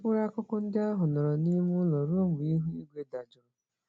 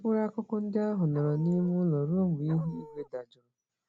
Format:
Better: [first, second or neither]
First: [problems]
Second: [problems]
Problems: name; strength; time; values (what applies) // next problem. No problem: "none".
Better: first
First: none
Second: background sound (Dog); 19 dB below the speech